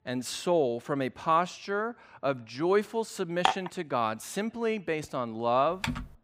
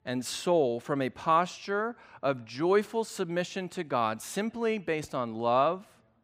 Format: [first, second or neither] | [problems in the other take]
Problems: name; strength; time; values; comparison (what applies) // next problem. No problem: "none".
second | clattering dishes; loud; at 3.5 s; peak 1 dB above the speech // keyboard typing; noticeable; at 6 s; peak 5 dB below the speech